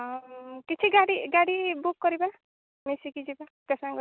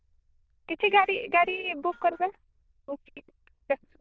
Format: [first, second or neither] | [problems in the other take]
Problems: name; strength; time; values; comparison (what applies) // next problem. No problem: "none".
first | noise reduction (neural diffusion model UNIVERSE++)